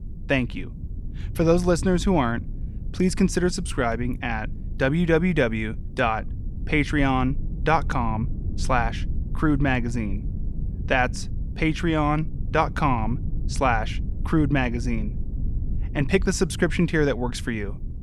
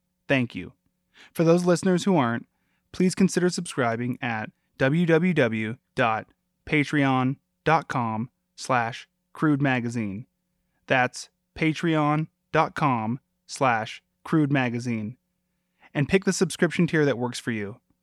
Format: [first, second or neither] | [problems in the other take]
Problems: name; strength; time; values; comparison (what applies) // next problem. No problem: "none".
second | low rumble; faint; throughout; 20 dB below the speech